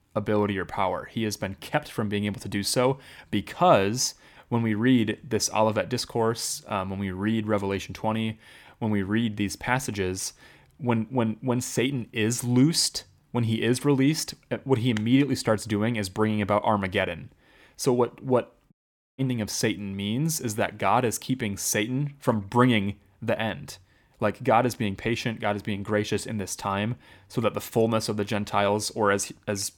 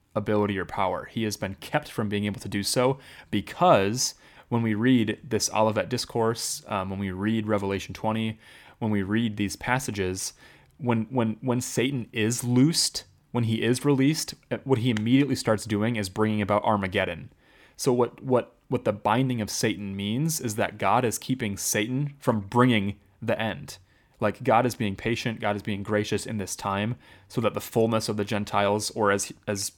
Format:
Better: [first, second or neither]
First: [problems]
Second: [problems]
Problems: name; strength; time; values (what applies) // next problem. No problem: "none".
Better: second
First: audio cutting out; at 19 s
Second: none